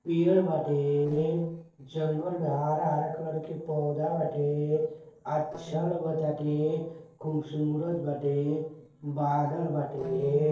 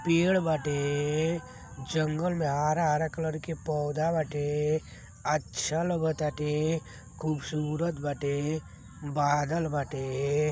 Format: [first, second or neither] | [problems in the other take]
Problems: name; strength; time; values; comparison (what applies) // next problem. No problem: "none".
second | noise reduction (neural separator model SepFormer DNS4)